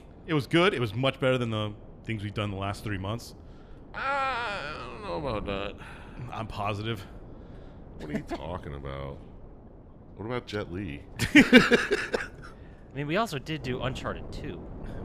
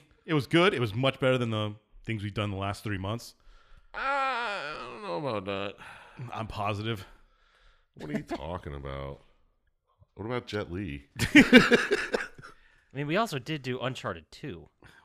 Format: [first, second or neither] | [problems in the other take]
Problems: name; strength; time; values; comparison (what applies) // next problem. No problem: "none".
second | wind noise on the microphone; occasional gusts; 25 dB below the speech